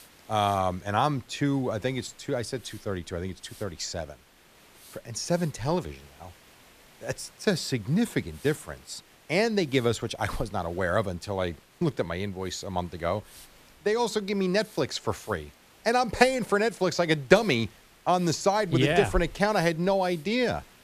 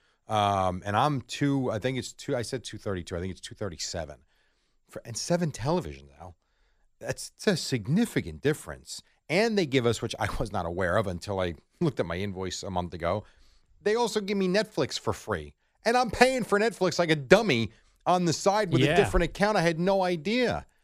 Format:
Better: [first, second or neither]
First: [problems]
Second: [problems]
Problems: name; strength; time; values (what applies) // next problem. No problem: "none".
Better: second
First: hiss; faint; throughout; 25 dB below the speech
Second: none